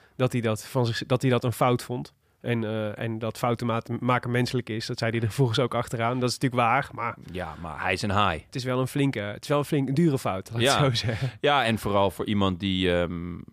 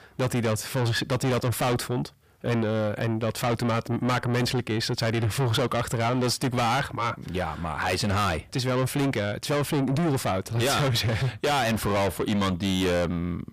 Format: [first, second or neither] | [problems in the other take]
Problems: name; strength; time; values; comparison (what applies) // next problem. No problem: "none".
first | distortion; heavy; 6 dB below the speech